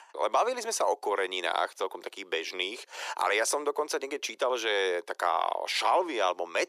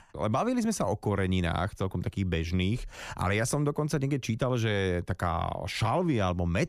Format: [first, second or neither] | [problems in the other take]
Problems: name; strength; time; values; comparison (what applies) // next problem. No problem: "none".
second | thin; very; fading below 400 Hz